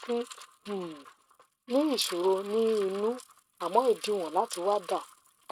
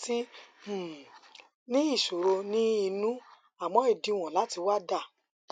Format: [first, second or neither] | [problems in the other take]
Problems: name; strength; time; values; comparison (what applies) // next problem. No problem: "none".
second | noise reduction (neural mask model RNNoise)